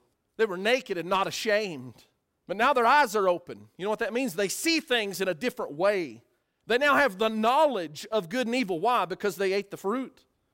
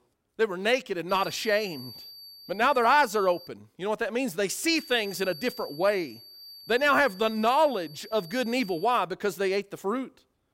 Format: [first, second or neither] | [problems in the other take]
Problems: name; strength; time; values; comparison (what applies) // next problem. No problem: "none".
first | high-pitched whine; noticeable; from 1 to 3.5 s and from 5 to 9 s; 4.5 kHz, 15 dB below the speech